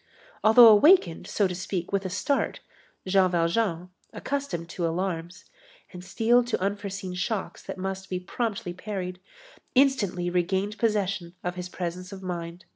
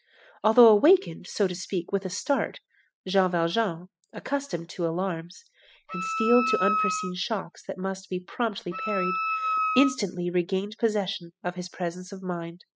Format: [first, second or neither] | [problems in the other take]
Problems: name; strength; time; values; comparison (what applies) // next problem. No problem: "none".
first | noise reduction (classical method spectral subtraction)